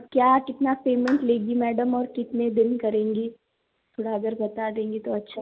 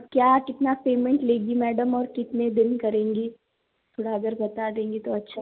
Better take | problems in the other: second | background sound (Clapping); 19 dB below the speech

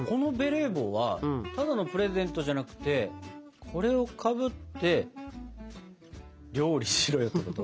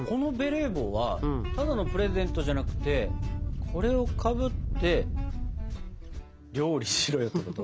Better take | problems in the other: first | background sound (Wind); 2 dB below the speech

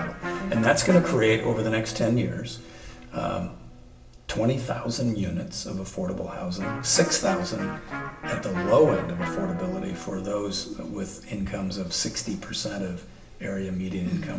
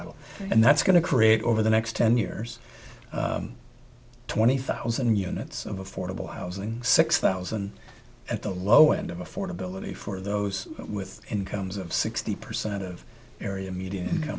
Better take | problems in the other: second | background sound (Electric guitar); 11 dB below the speech // room echo; dies away in 0.7 s

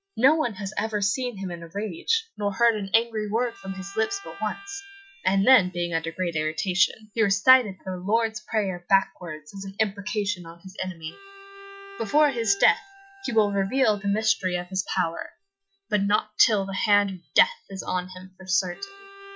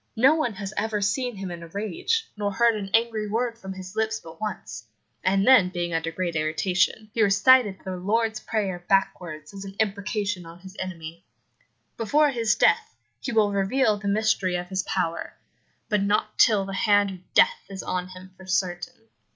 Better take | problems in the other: second | noise reduction (classical method Wiener filter)

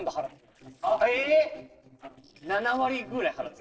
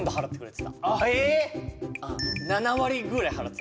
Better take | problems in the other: second | noise reduction (neural separator model SepFormer DNS4)

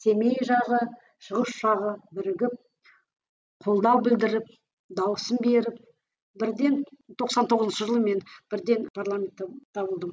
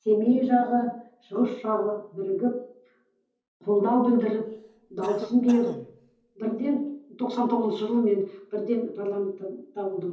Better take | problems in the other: first | background sound (Cough); 16 dB below the speech // room echo; dies away in 0.5 s

